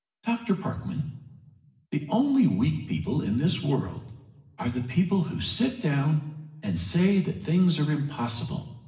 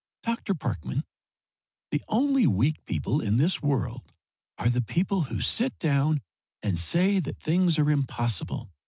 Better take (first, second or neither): second